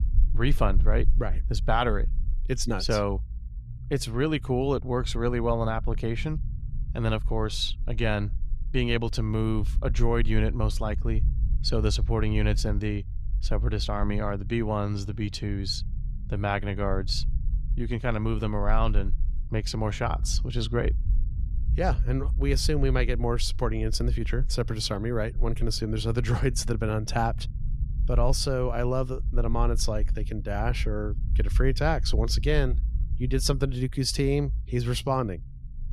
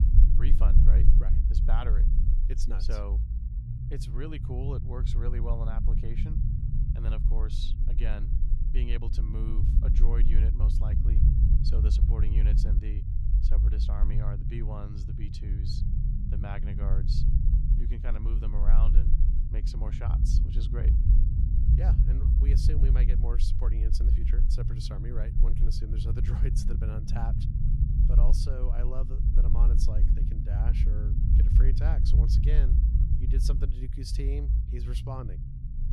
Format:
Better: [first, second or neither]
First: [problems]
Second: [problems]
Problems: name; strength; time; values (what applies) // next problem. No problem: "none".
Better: first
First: low rumble; faint; throughout; 20 dB below the speech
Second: low rumble; loud; throughout; 1 dB below the speech